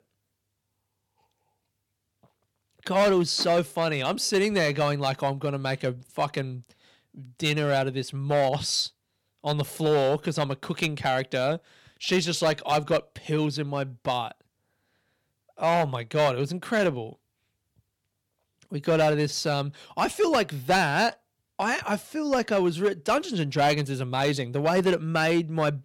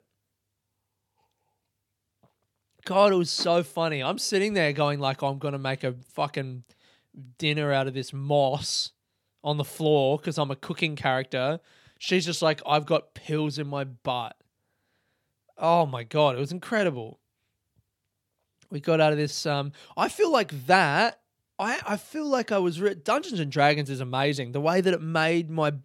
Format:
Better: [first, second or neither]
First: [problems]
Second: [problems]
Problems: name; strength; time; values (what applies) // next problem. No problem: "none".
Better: second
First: distortion; slight; 4% of the sound clipped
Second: none